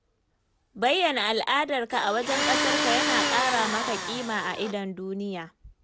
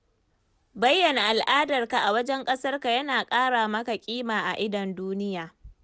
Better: second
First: background sound (Tools); as loud as the speech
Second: none

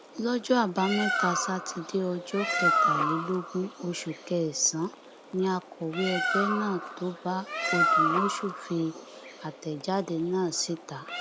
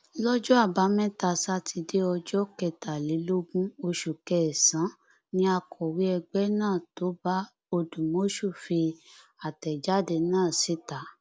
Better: second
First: background sound (Bird); 1 dB below the speech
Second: none

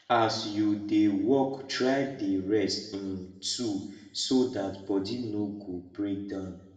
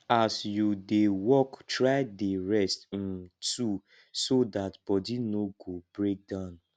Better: second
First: room echo; dies away in 0.8 s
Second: none

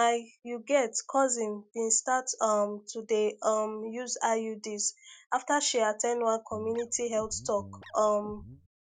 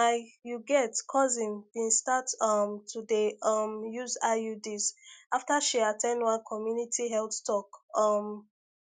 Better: second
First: background sound (Guitar); 19 dB below the speech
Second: none

